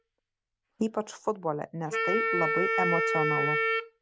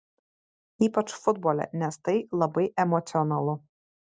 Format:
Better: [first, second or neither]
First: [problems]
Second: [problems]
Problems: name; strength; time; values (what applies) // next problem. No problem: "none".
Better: second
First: background sound (Wind instrument, woodwind instrument); 3 dB above the speech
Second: none